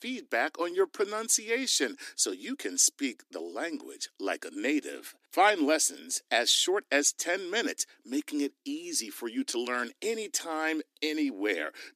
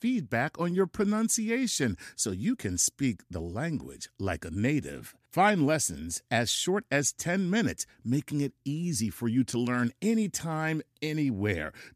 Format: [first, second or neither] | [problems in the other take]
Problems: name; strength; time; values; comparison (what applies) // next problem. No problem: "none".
second | thin; somewhat; fading below 300 Hz